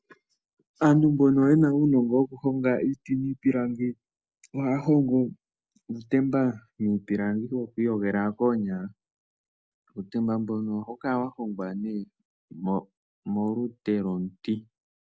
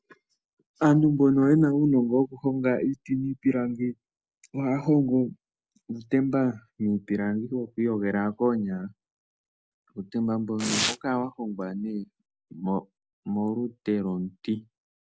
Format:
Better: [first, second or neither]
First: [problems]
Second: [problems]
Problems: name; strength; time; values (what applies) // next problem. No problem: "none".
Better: first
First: none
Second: background sound (Domestic sounds, home sounds); 9 dB below the speech